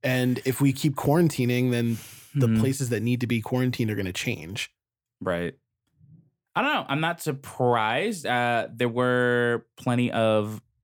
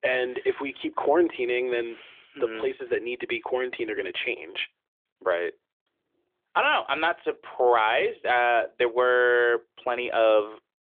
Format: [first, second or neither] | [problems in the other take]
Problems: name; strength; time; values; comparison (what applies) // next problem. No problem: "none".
first | phone-call audio; nothing above 3.5 kHz